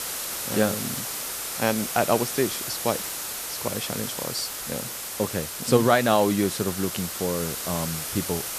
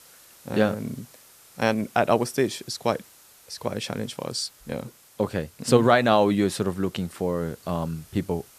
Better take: second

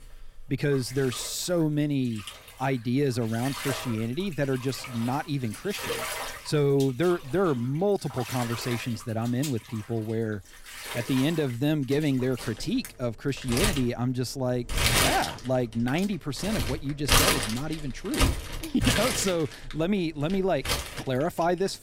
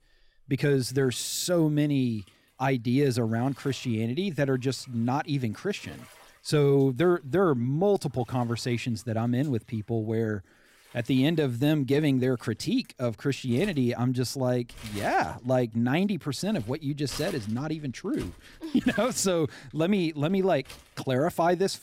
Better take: second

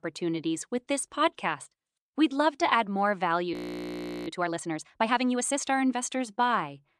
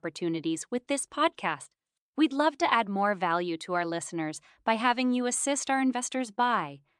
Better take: second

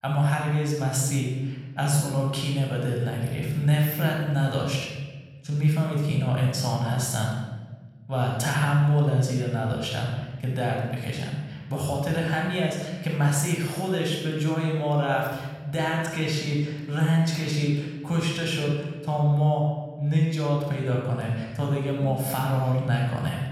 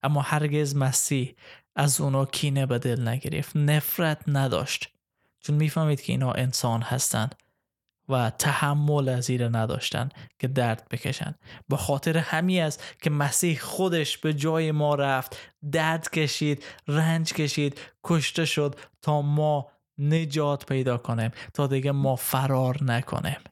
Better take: second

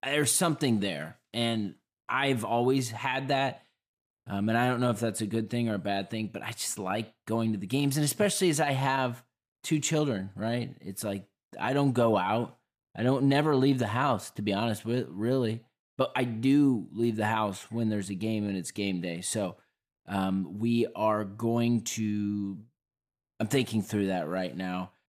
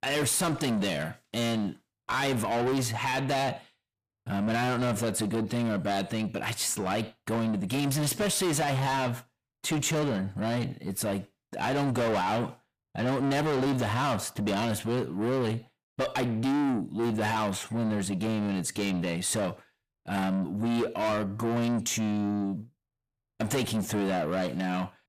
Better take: first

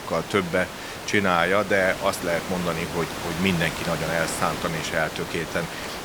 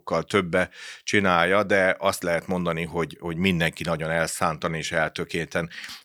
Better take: second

